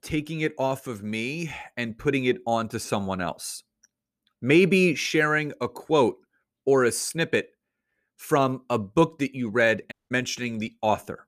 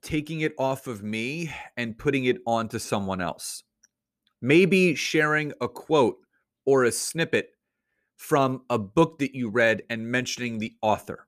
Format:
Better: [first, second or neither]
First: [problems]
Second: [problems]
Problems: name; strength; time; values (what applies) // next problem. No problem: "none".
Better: second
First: audio cutting out; at 10 s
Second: none